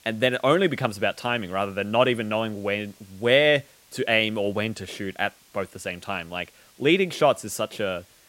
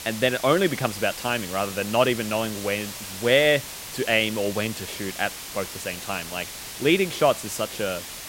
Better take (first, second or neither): first